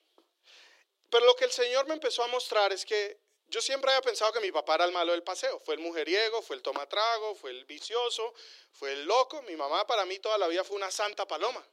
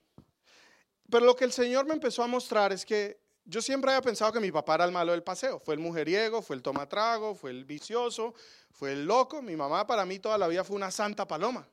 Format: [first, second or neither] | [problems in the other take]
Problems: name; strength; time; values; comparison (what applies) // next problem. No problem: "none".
second | thin; very; fading below 350 Hz